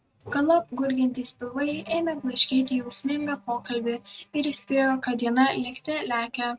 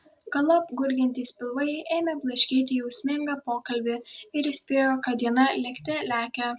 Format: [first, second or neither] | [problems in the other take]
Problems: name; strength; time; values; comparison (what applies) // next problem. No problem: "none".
second | noise reduction (neural mask model RNNoise)